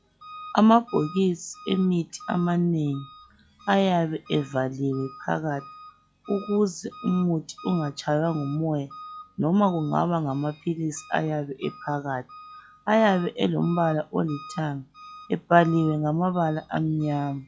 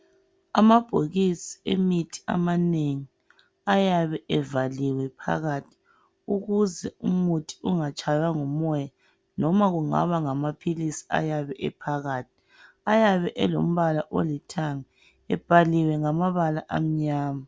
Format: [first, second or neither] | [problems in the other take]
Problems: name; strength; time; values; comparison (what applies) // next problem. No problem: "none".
second | noise reduction (classical method log-MMSE)